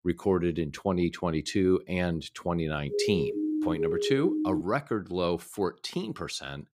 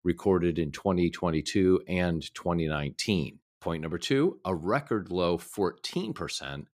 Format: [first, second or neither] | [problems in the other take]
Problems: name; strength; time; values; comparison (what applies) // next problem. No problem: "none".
second | siren; loud; from 3 to 4.5 s; peak 1 dB above the speech